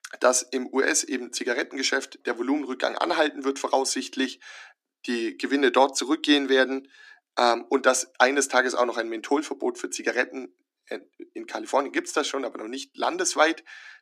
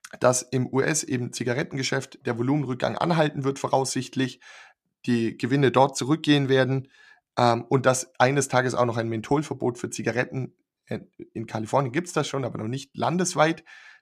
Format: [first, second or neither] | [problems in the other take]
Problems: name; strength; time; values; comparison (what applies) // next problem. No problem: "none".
second | thin; very slightly; fading below 250 Hz